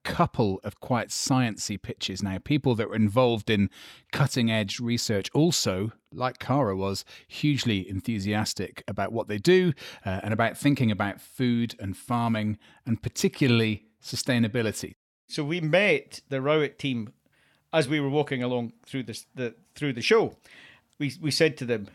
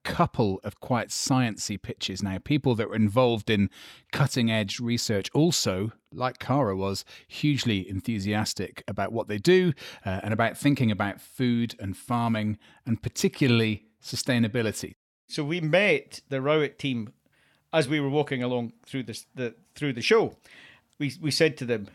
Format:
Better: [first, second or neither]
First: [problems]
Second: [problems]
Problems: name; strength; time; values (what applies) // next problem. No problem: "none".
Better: neither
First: none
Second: none